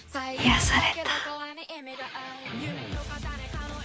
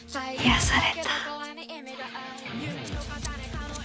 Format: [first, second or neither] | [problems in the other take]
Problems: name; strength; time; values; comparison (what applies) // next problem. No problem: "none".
first | background sound (Scissors + Brass instrument); 16 dB below the speech